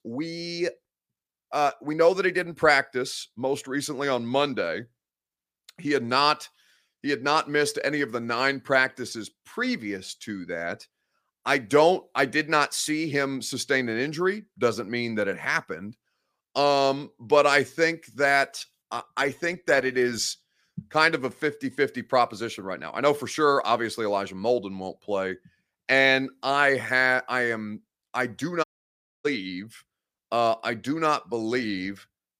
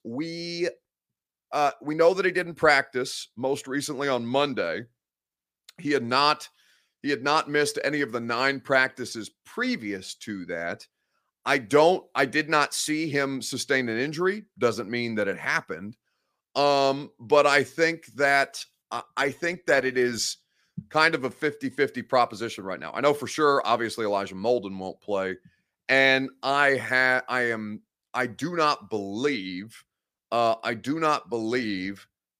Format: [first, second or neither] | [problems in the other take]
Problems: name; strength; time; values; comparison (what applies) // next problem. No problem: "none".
second | audio cutting out; at 29 s for 0.5 s